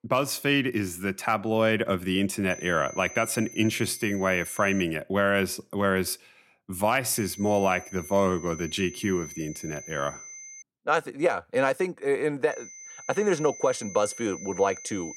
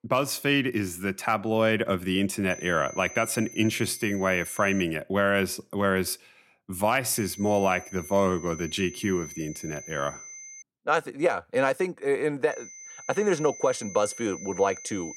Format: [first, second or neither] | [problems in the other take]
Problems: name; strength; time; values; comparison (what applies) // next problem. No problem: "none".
neither | high-pitched whine; noticeable; from 2.5 to 5 s, from 7 to 11 s and from 13 s on; 6 kHz, 15 dB below the speech; the same in both